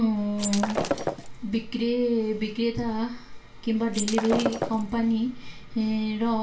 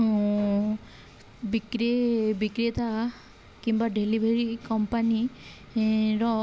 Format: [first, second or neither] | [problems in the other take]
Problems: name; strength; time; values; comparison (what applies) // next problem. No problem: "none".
second | background sound (Shatter); 5 dB below the speech // room echo; dies away in 0.3 s